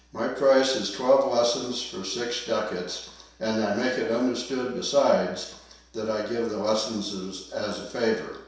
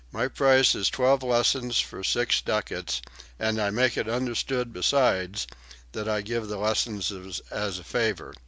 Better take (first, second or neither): second